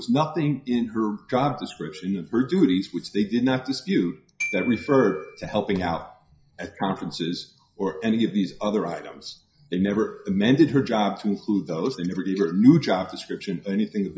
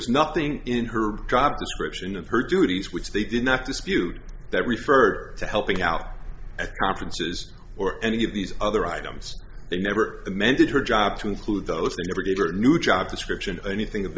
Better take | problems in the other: second | noise reduction (classical method WPE with log-MMSE)

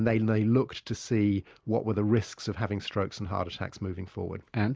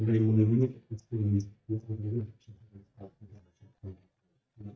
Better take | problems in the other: first | noise reduction (neural mask model DeepFilterNet 3)

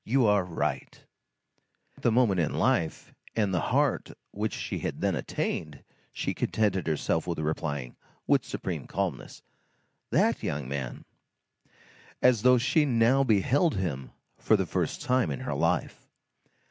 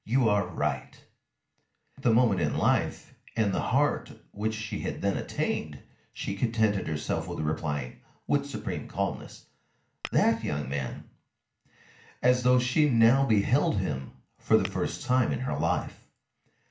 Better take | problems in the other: first | background sound (Tap / Glass); 16 dB below the speech // room echo; dies away in 0.4 s

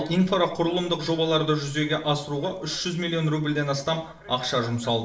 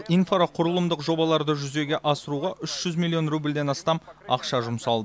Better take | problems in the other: second | room echo; dies away in 0.5 s

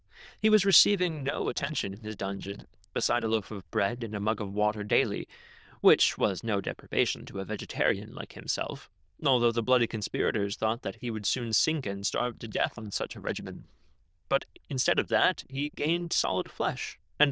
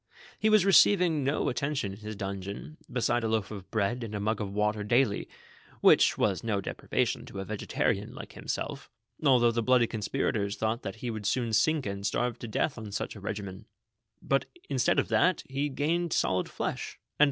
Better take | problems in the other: second | noise reduction (neural diffusion model UNIVERSE++)

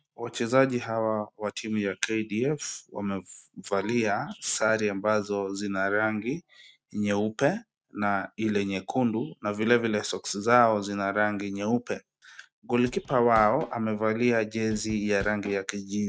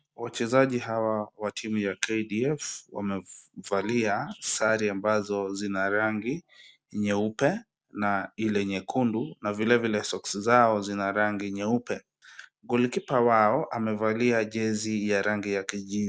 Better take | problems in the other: second | noise reduction (neural mask model RNNoise)

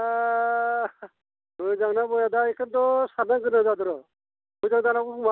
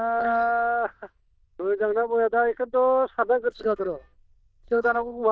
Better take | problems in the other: first | noise reduction (neural diffusion model UNIVERSE++)

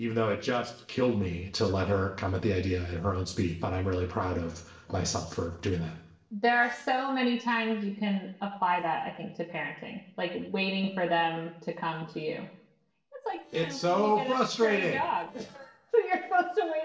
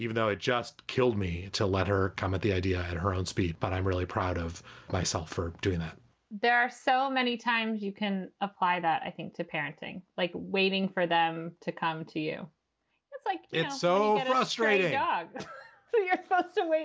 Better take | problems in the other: second | noise reduction (neural separator model SepFormer DNS4)

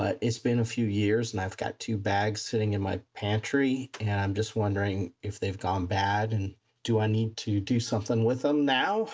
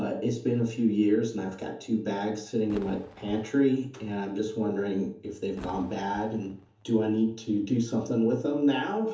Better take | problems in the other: first | background sound (Fireworks); 20 dB below the speech // room echo; dies away in 0.6 s

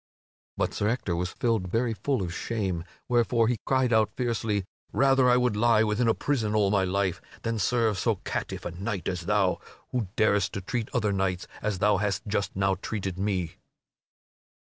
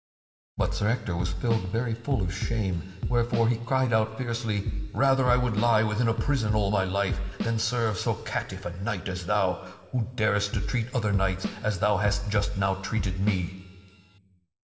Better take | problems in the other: first | background sound (Drum kit); 5 dB below the speech // room echo; dies away in 1.5 s

